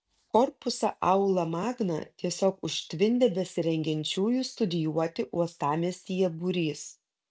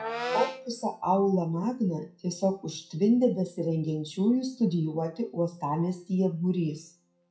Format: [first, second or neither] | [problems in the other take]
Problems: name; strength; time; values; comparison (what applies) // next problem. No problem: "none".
first | noise reduction (classical method WPE with log-MMSE)